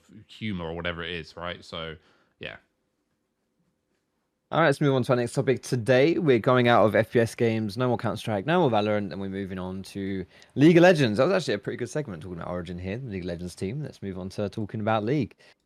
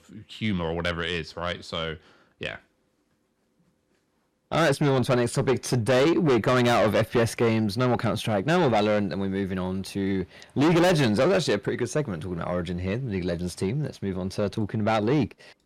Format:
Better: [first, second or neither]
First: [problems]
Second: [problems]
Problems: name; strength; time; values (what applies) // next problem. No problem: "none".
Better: first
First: none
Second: distortion; heavy; 6 dB below the speech